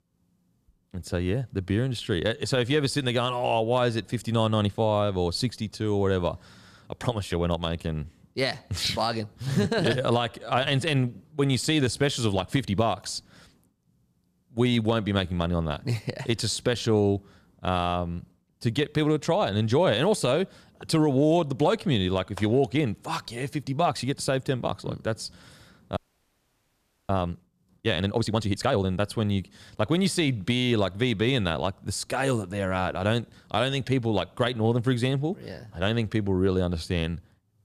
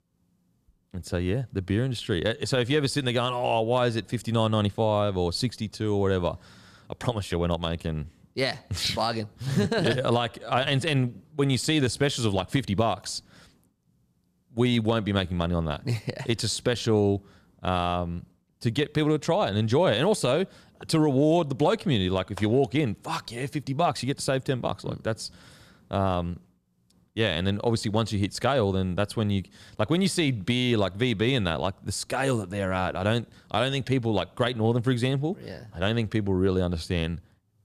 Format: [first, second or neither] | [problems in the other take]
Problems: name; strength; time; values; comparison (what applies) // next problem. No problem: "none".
second | audio freezing; at 26 s for 1 s